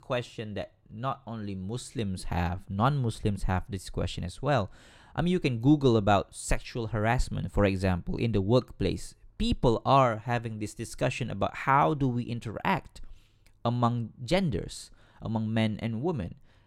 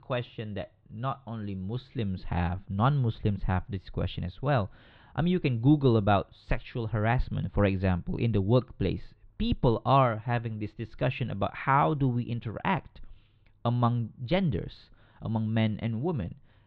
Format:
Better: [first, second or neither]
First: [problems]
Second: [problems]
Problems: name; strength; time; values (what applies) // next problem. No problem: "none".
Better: first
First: none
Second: muffled; slightly; fading above 3.5 kHz